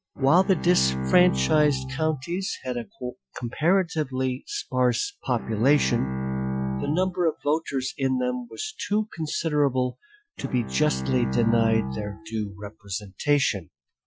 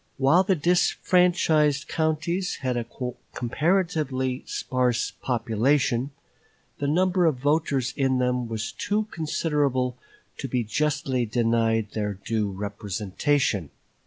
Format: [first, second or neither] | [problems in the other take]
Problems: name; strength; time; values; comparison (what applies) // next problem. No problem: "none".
second | noise reduction (classical method Wiener filter)